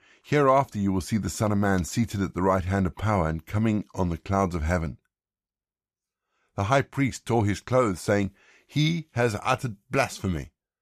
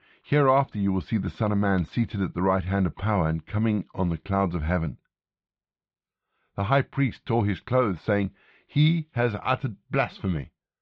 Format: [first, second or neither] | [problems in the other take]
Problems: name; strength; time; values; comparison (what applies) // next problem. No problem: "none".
first | muffled; very; fading above 4 kHz